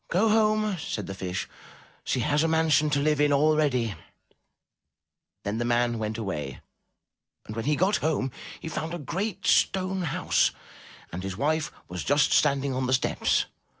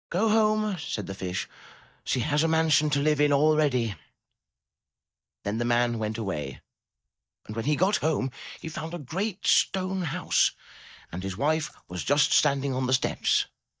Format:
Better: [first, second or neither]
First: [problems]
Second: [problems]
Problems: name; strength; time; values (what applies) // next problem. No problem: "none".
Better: first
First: none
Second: noise reduction (neural mask model DeepFilterNet 3)